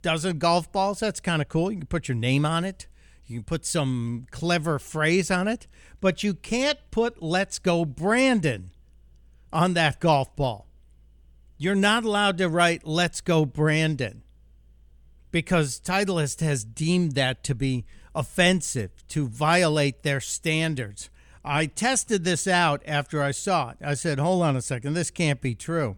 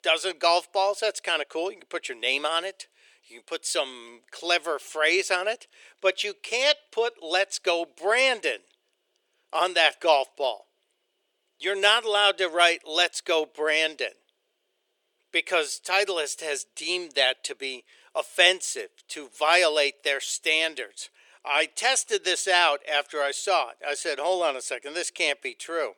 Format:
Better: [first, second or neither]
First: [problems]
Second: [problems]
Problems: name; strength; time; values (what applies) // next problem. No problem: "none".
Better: first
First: none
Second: thin; very; fading below 400 Hz